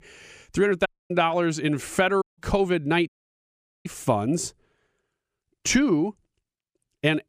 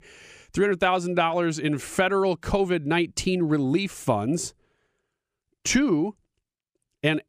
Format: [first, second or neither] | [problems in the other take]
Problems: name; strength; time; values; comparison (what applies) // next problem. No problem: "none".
second | audio cutting out; at 1 s, at 2 s and at 3 s for 1 s